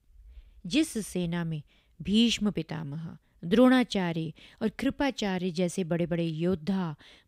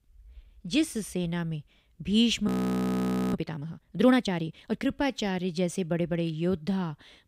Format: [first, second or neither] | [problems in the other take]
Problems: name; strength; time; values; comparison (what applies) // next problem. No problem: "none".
first | audio freezing; at 2.5 s for 1 s